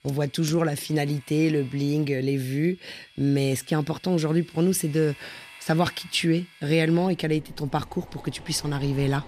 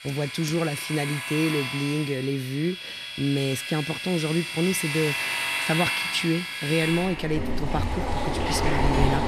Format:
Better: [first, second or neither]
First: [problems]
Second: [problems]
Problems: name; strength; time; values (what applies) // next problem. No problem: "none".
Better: first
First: household noises; faint; throughout; 20 dB below the speech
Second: household noises; loud; throughout; 1 dB below the speech